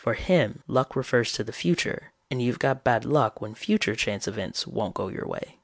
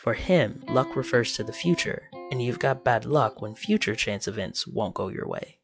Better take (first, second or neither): first